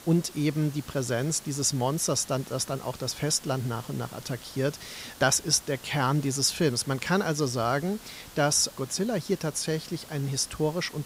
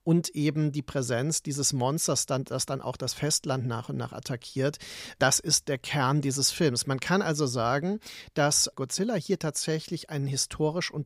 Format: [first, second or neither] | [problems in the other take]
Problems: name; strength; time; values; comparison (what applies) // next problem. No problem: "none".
second | hiss; noticeable; throughout; 20 dB below the speech